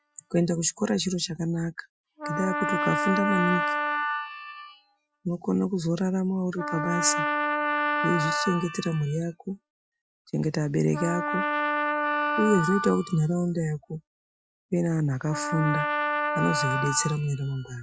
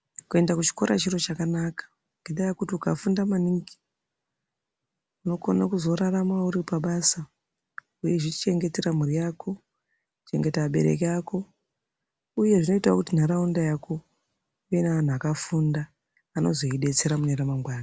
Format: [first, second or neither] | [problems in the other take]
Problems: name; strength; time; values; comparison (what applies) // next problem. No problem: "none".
second | noise reduction (classical method Wiener filter)